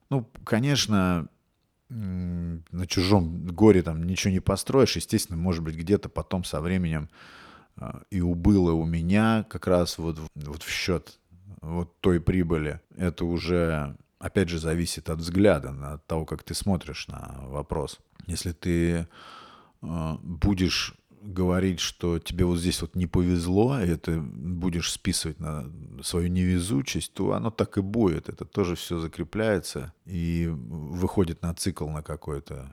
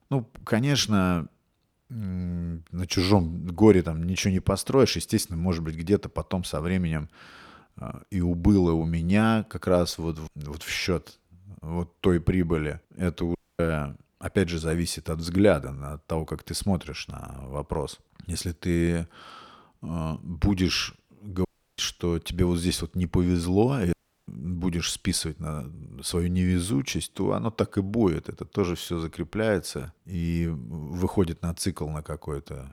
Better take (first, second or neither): first